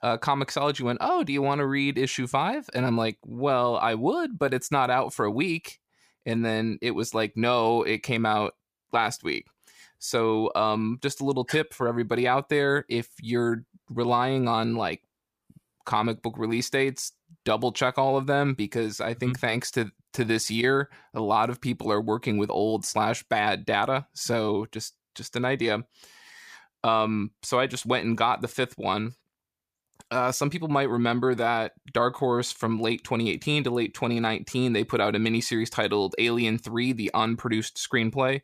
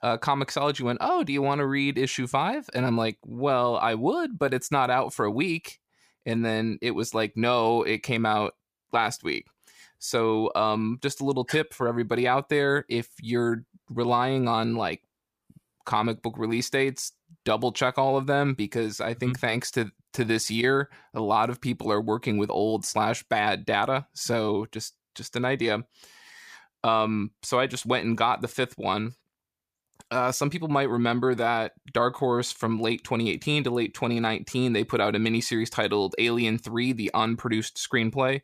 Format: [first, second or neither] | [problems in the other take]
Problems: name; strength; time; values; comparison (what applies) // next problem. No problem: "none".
neither | none